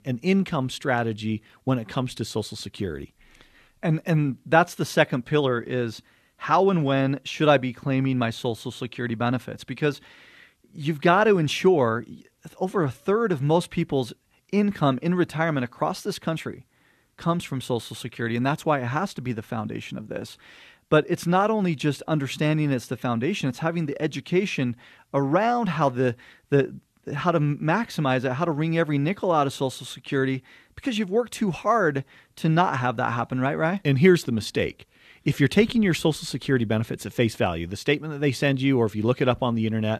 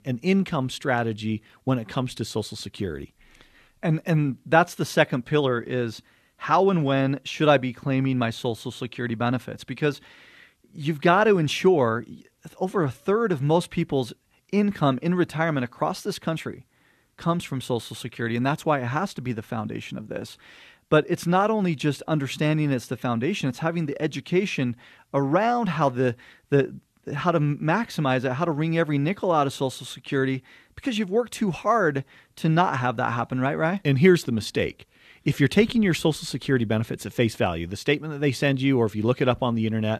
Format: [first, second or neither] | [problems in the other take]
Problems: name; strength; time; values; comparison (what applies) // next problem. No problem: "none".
neither | none